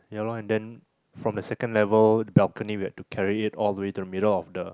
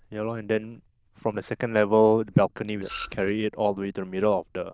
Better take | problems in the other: first | noise reduction (neural diffusion model UNIVERSE++)

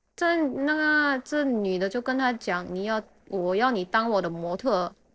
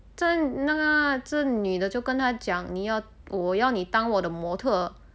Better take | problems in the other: second | noise reduction (neural separator model SepFormer DNS4)

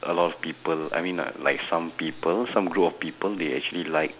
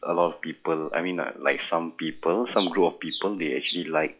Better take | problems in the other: first | noise reduction (classical method log-MMSE)

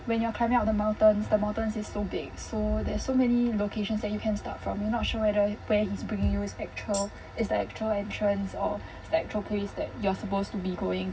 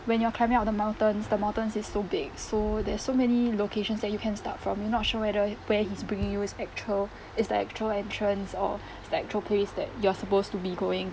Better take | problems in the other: second | background sound (Tambourine); 11 dB below the speech // room echo; dies away in 0.4 s

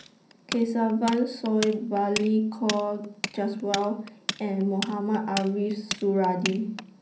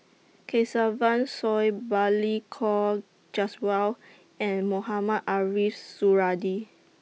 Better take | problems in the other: second | background sound (Tools); 11 dB below the speech // room echo; dies away in 0.6 s

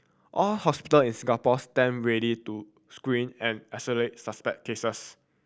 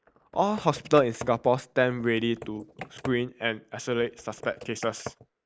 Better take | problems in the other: first | noise reduction (neural mask model Resemble Enhance denoiser)

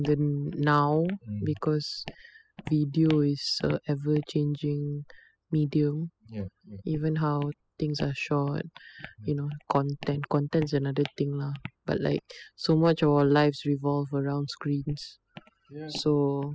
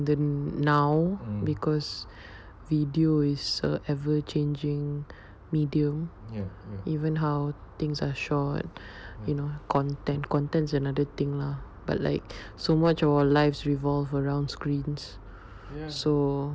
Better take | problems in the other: second | noise reduction (classical method spectral subtraction)

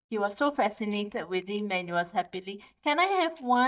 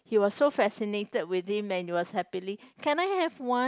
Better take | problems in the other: second | noise reduction (neural mask model DeepFilterNet 3)

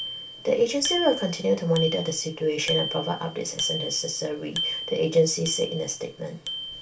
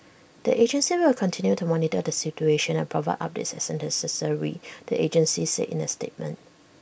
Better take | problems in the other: second | background sound (Bicycle bell); 7 dB below the speech // room echo; dies away in 0.3 s

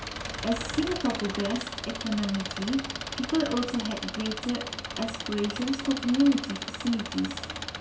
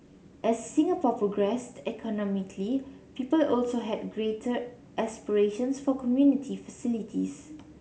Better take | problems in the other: second | background sound (Engine); 6 dB below the speech // room echo; dies away in 0.2 s

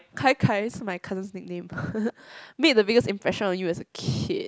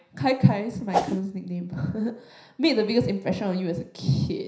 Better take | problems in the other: first | background sound (Whoosh, swoosh, swish); as loud as the speech // room echo; dies away in 0.5 s

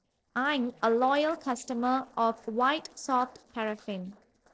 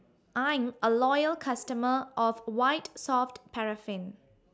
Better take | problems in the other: second | noise reduction (neural separator model SepFormer DNS4)

